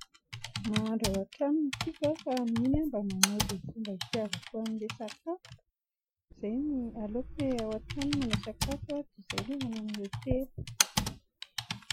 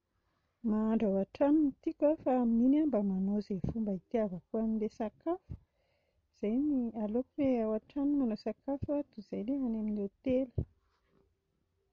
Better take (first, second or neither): second